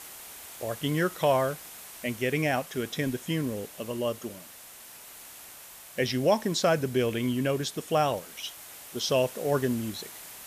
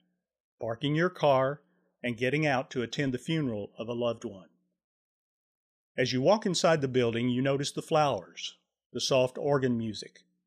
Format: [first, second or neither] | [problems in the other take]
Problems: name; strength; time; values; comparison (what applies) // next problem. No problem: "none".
second | hiss; noticeable; throughout; 15 dB below the speech